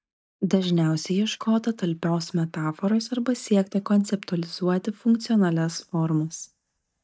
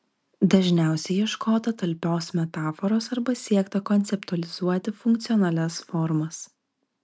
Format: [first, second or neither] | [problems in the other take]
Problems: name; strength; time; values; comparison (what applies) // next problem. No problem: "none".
second | noise reduction (neural mask model DeepFilterNet 3)